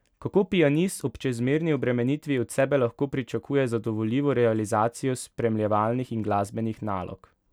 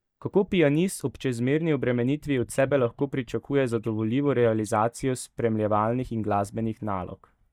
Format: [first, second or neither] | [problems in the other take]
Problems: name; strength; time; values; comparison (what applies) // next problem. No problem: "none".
first | noise reduction (neural mask model DeepFilterNet 3)